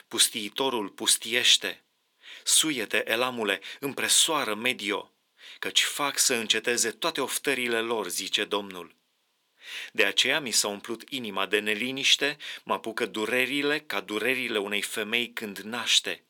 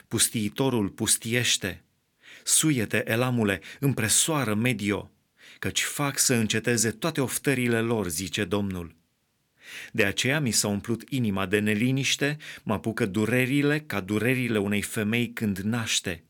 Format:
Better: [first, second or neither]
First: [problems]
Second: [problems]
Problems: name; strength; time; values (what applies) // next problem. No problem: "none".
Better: second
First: thin; somewhat; fading below 450 Hz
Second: none